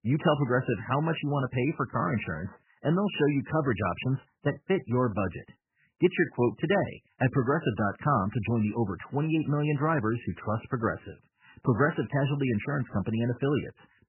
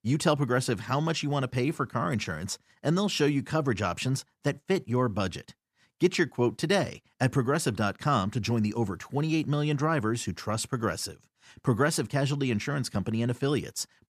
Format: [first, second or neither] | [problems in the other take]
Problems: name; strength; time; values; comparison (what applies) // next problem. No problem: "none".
second | garbled, watery; badly; nothing above 3 kHz